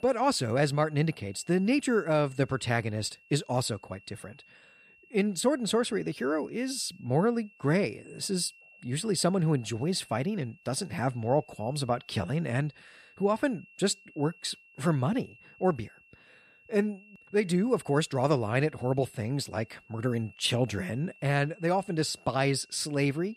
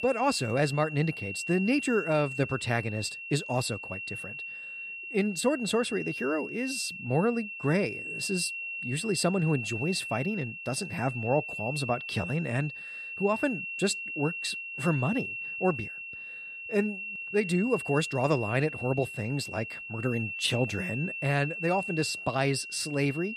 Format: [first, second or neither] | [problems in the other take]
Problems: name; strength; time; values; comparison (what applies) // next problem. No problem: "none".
first | high-pitched whine; loud; throughout; 2.5 kHz, 6 dB below the speech; faint in the first